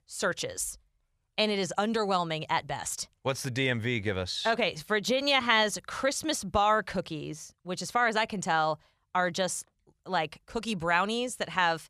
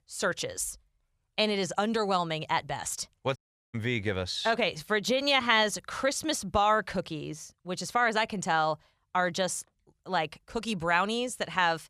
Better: first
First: none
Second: audio cutting out; at 3.5 s

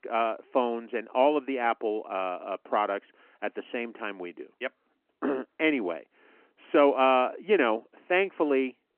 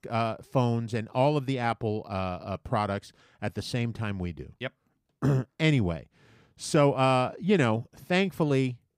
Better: second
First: phone-call audio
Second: none

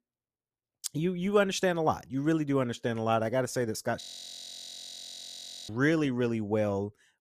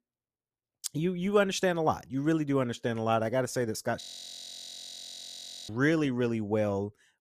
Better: neither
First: audio freezing; at 4 s for 1.5 s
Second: audio freezing; at 4 s for 1.5 s

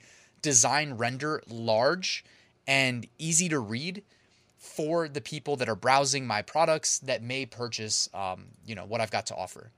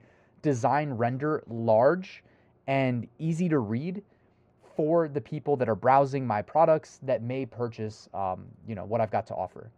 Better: first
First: none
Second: muffled; very; fading above 2.5 kHz

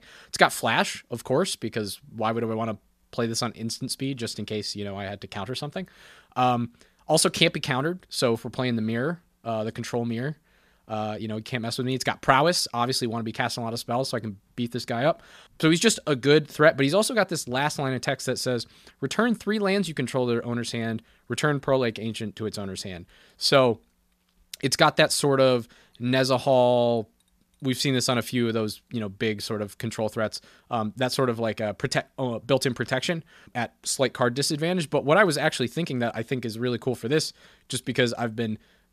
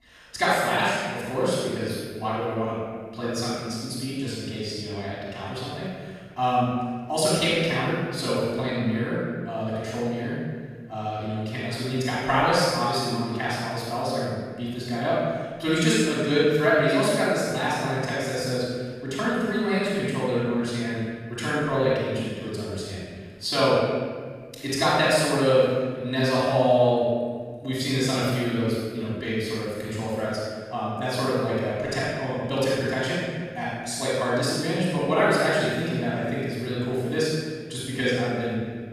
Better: first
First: none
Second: off-mic speech; far // room echo; strong; dies away in 1.5 s

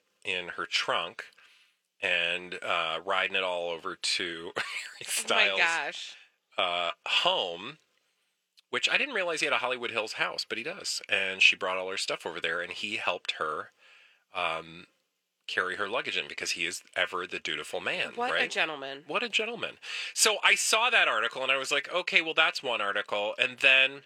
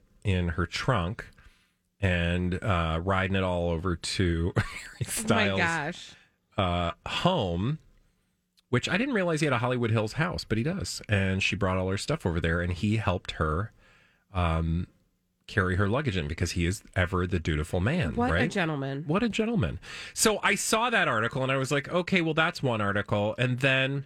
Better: second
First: thin; very; fading below 550 Hz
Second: none

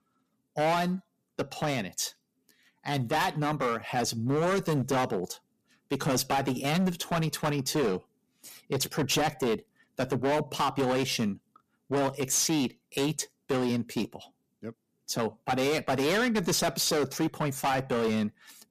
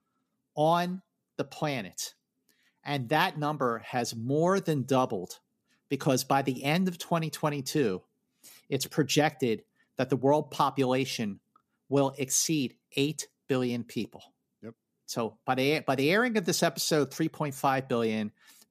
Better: second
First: distortion; heavy; 13% of the sound clipped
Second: none

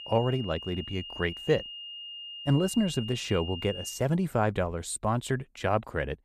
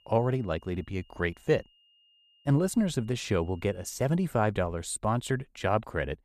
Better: second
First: high-pitched whine; loud; until 4 s; 3 kHz, 9 dB below the speech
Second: high-pitched whine; faint; until 4 s; 3 kHz, 30 dB below the speech

